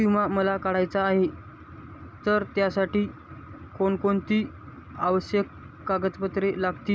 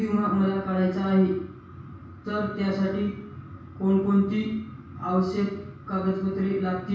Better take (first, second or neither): first